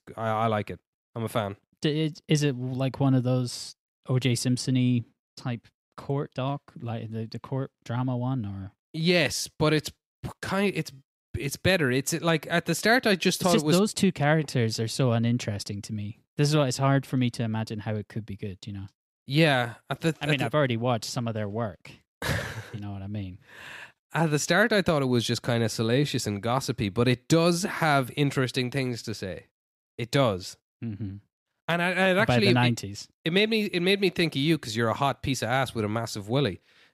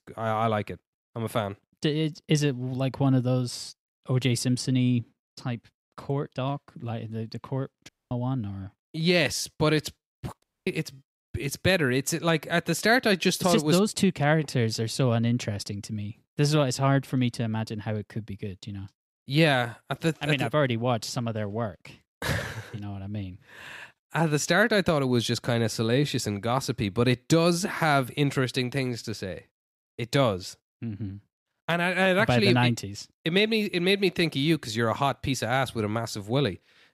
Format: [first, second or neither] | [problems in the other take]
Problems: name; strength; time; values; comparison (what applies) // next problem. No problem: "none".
first | audio cutting out; at 8 s and at 10 s